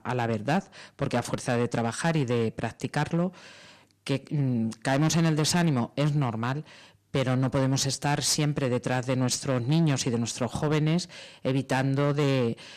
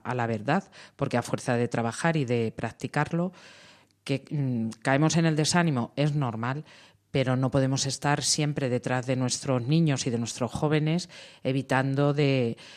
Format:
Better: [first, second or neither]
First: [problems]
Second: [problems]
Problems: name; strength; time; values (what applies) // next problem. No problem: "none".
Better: second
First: distortion; slight; 9% of the sound clipped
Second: none